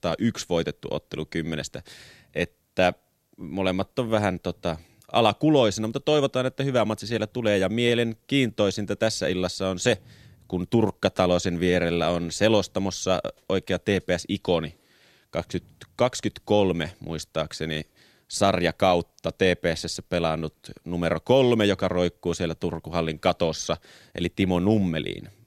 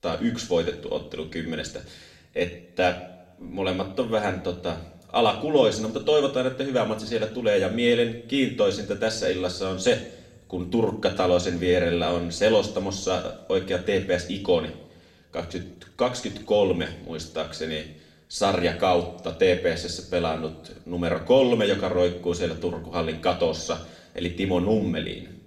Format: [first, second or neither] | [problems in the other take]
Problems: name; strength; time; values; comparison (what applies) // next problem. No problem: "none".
first | room echo; very slight; dies away in 0.6 s // off-mic speech; somewhat distant